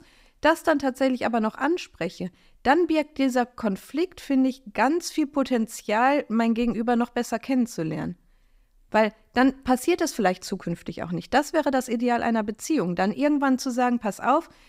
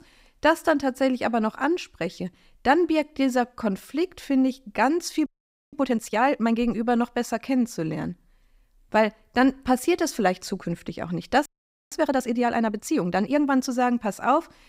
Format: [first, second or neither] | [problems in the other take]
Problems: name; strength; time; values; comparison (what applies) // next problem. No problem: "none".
first | audio freezing; at 5.5 s and at 11 s